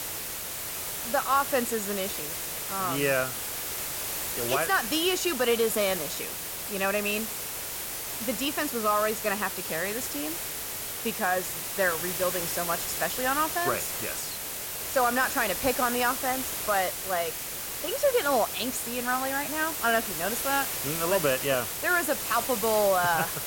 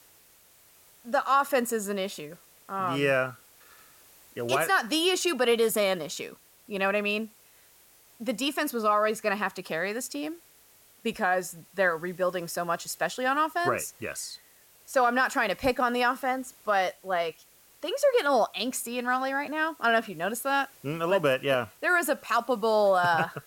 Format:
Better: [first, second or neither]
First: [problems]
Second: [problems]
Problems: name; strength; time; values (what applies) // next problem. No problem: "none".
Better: second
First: hiss; loud; throughout; 3 dB below the speech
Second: hiss; faint; throughout; 25 dB below the speech